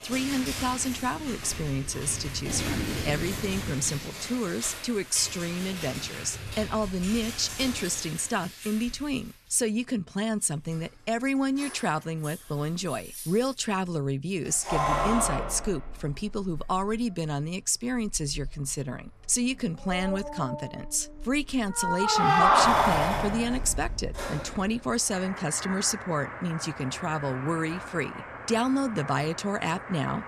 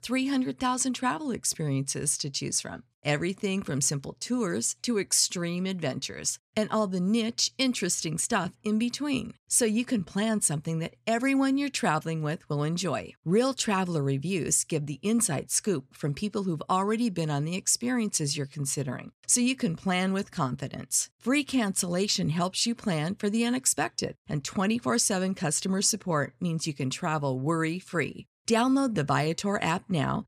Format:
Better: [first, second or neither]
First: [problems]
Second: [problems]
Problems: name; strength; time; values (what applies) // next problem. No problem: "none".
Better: second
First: household noises; loud; throughout; 2 dB below the speech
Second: none